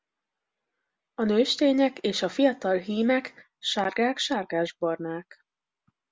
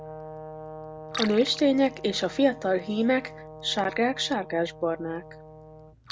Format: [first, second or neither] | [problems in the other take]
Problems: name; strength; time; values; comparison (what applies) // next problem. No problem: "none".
first | background sound (Brass instrument + Liquid); 13 dB below the speech